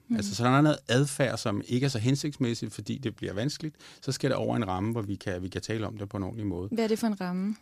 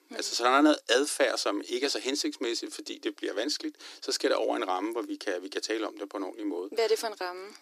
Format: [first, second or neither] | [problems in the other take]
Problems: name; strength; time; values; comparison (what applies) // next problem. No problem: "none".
first | thin; somewhat; fading below 300 Hz